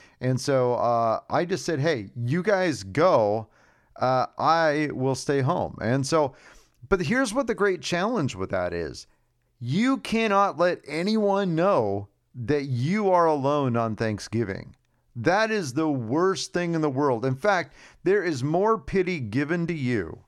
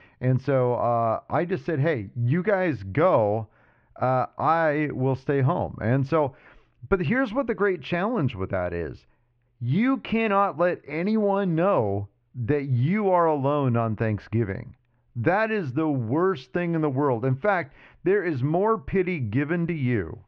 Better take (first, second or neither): first